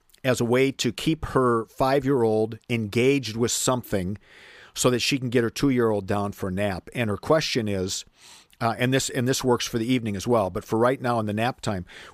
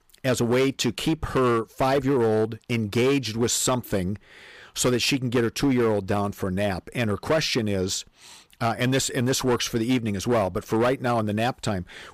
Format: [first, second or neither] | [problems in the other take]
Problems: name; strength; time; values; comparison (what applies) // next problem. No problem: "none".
first | distortion; slight; 8% of the sound clipped